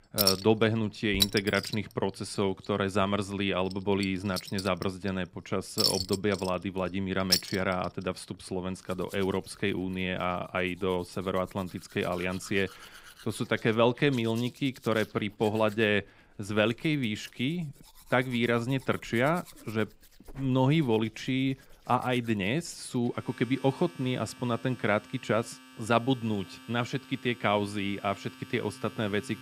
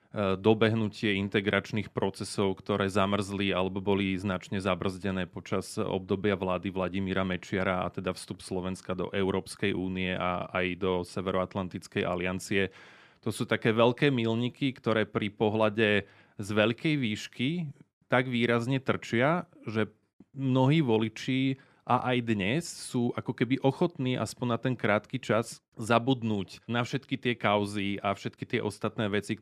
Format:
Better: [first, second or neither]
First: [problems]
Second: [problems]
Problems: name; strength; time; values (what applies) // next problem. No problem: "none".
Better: second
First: household noises; loud; throughout; 4 dB below the speech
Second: none